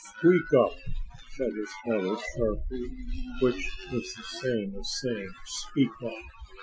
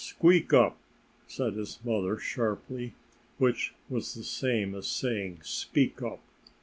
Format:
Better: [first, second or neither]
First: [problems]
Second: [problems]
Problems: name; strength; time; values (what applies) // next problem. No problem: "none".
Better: second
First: noise reduction (classical method Wiener filter)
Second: none